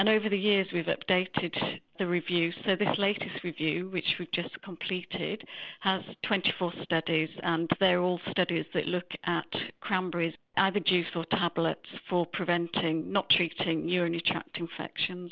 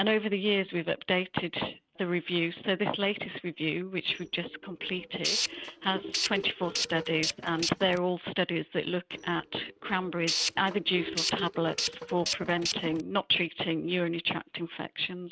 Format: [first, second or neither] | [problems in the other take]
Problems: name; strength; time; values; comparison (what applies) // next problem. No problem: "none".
first | noise reduction (neural mask model RNNoise)